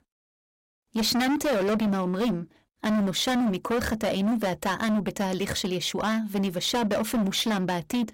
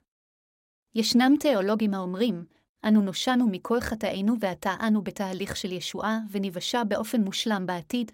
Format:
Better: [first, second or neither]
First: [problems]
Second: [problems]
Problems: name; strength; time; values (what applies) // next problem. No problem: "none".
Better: second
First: distortion; heavy; 22% of the sound clipped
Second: none